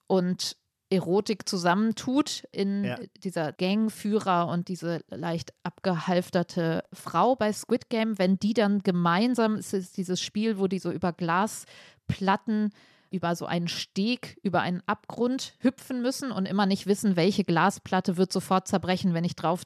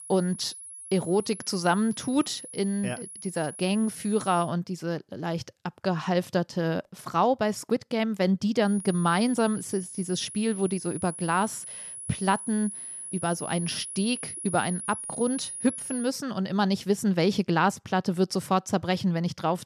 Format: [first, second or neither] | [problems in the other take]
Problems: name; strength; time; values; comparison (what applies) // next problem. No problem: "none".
first | high-pitched whine; loud; until 4.5 s and from 8.5 to 16 s; 10.5 kHz, 9 dB below the speech